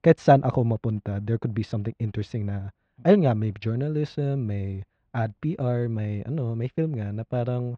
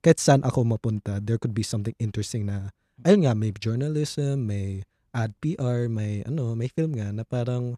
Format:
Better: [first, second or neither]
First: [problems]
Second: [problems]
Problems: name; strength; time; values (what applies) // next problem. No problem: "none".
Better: second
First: muffled; very; fading above 3 kHz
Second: none